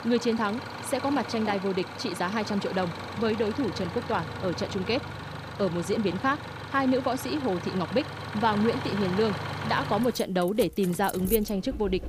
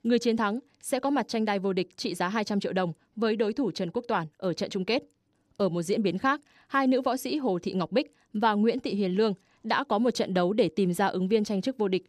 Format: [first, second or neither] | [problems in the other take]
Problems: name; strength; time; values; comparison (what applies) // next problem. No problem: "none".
second | traffic noise; loud; throughout; 8 dB below the speech